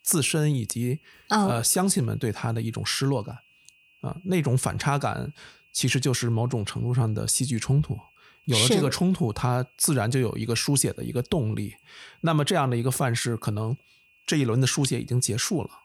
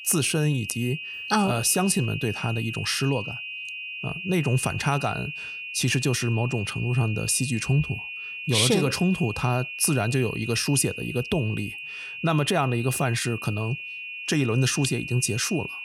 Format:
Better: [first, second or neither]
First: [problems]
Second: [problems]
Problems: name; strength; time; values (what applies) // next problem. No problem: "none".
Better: first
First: high-pitched whine; faint; throughout; 2.5 kHz, 35 dB below the speech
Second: high-pitched whine; loud; throughout; 2.5 kHz, 8 dB below the speech